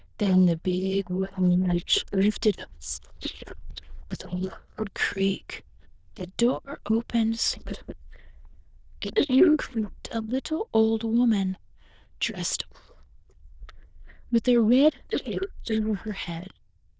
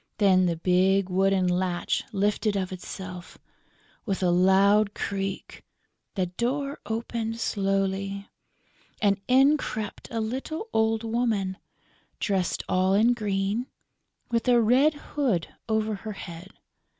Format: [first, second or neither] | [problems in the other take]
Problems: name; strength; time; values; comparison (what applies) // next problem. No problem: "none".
second | noise reduction (neural diffusion model UNIVERSE++)